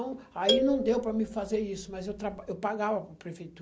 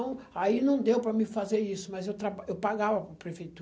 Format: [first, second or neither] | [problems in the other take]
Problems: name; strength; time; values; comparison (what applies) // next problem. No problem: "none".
second | background sound (Marimba, xylophone); 2 dB below the speech